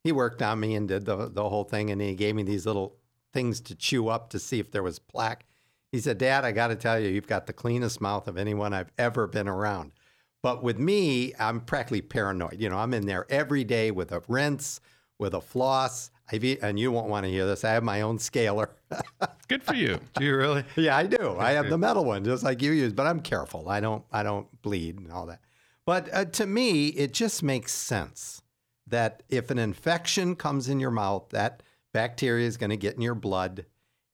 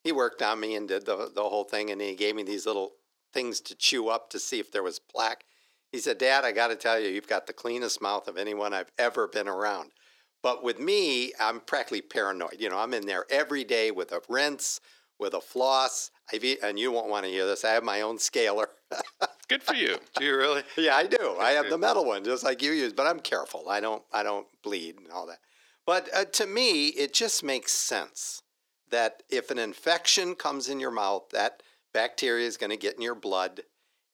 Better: first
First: none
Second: thin; somewhat; fading below 350 Hz

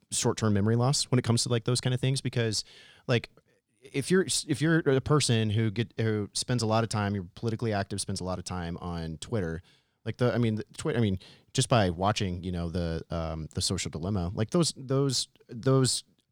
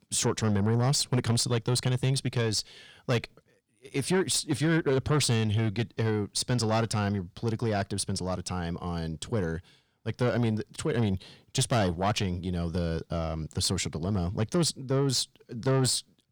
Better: first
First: none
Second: distortion; slight; 10 dB below the speech

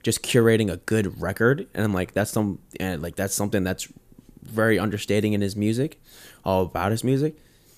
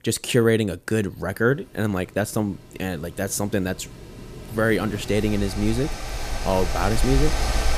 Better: first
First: none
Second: machinery noise; loud; throughout; 6 dB below the speech

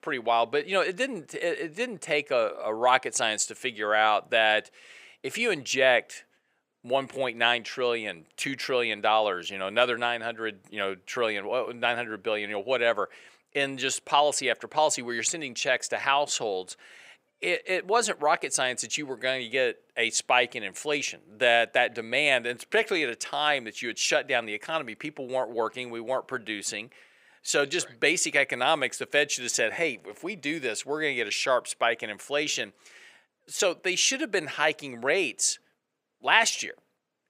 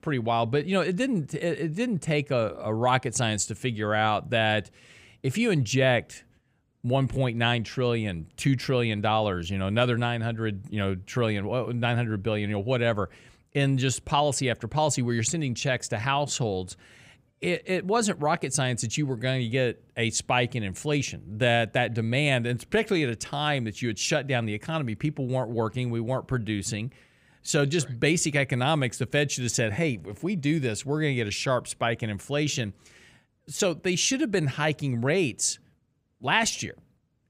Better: second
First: thin; very; fading below 500 Hz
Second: none

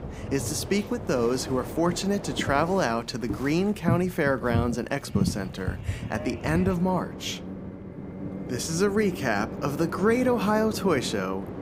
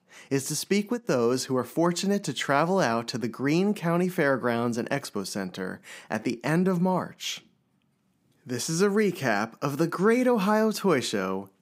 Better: second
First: train or aircraft noise; loud; throughout; 7 dB below the speech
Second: none

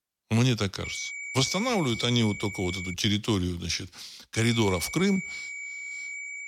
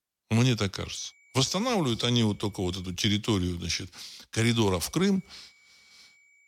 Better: second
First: high-pitched whine; loud; from 1 to 3 s and from 4.5 s on; 2.5 kHz, 8 dB below the speech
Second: high-pitched whine; faint; from 1 to 3 s and from 4.5 s on; 2.5 kHz, 30 dB below the speech

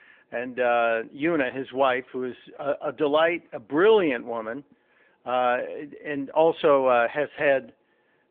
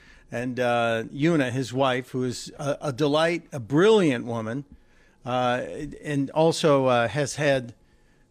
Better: second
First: phone-call audio; nothing above 3.5 kHz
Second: none

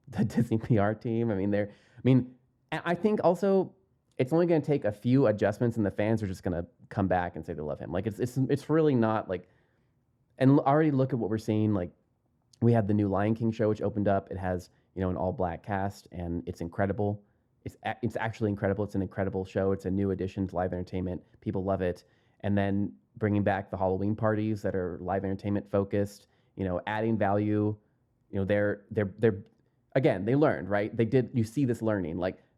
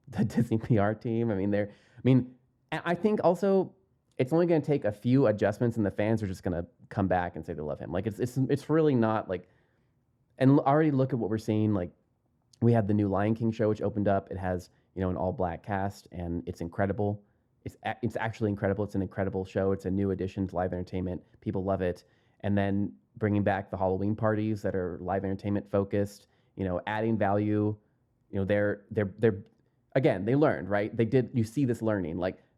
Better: neither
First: muffled; very; fading above 1.5 kHz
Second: muffled; very; fading above 1.5 kHz

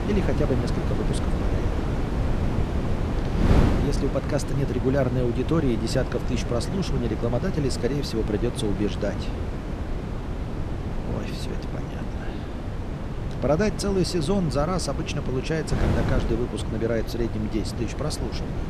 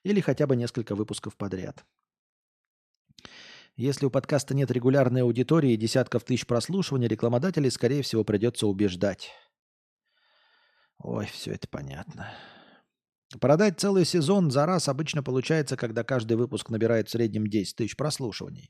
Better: second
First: wind noise on the microphone; heavy; 5 dB below the speech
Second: none

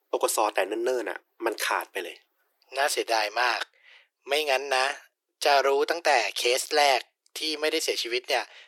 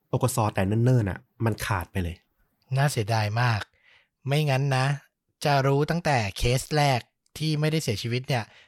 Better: second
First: thin; very; fading below 350 Hz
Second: none

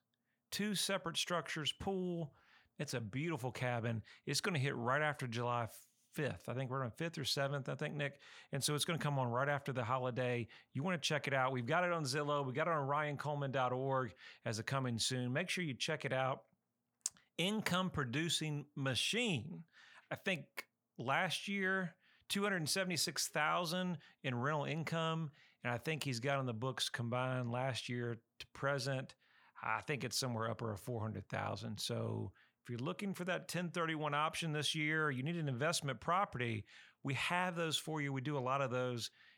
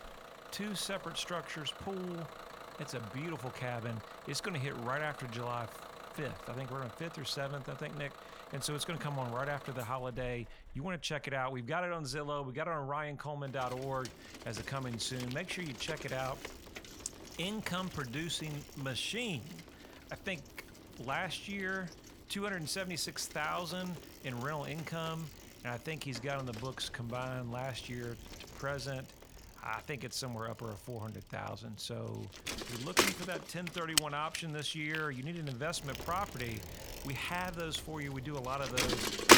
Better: first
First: none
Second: traffic noise; loud; throughout; 4 dB below the speech

